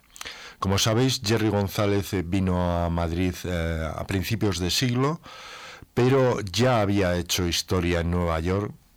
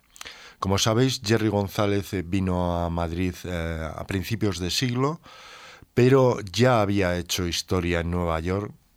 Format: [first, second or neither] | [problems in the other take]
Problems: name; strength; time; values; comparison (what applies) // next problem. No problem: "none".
second | distortion; slight; 10 dB below the speech